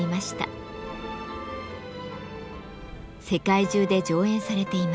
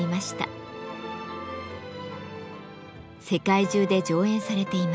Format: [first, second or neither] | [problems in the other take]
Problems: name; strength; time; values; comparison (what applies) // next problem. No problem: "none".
second | background sound (Piano + Fire); 19 dB below the speech